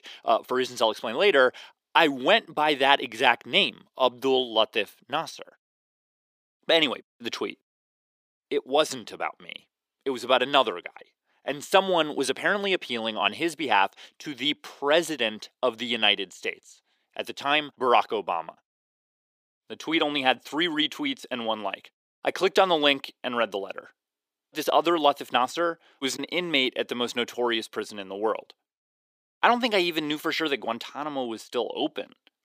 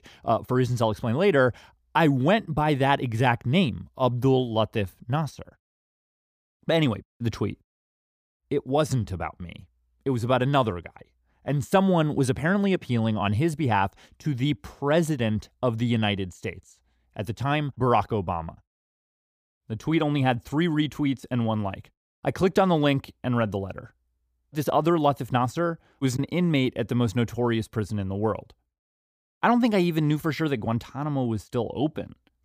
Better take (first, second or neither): second